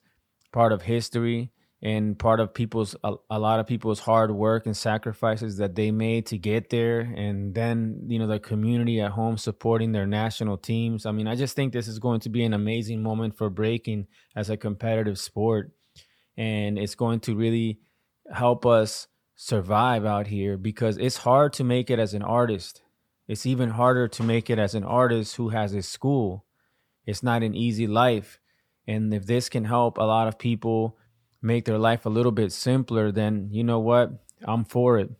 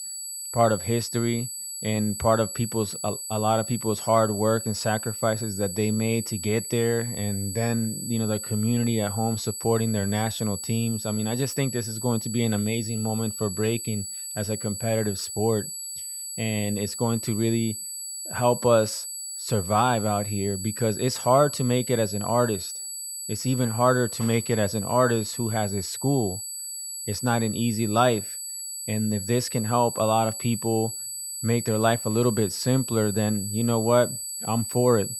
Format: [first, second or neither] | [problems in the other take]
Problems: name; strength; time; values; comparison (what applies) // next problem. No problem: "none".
first | high-pitched whine; loud; throughout; 8 kHz, 6 dB below the speech